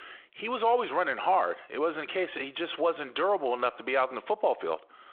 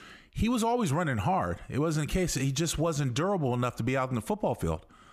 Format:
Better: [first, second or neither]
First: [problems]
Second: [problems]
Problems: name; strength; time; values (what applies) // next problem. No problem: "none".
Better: second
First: phone-call audio; nothing above 3.5 kHz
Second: none